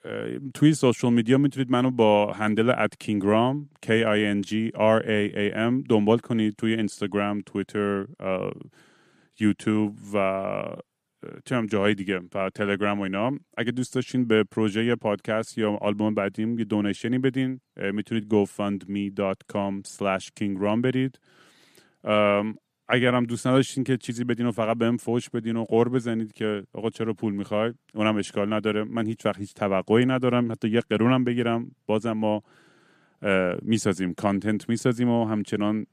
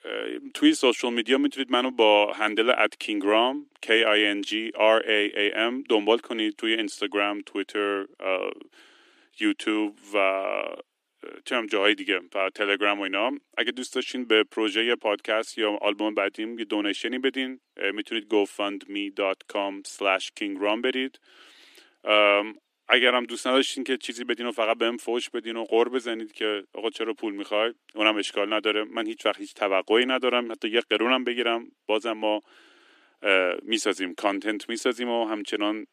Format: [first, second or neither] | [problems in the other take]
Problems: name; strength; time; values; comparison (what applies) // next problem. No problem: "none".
first | thin; somewhat; fading below 300 Hz